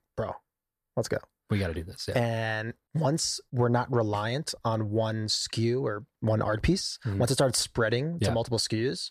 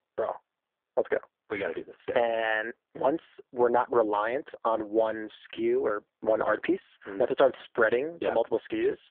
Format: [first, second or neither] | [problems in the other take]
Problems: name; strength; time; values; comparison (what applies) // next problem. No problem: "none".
first | phone-call audio; poor line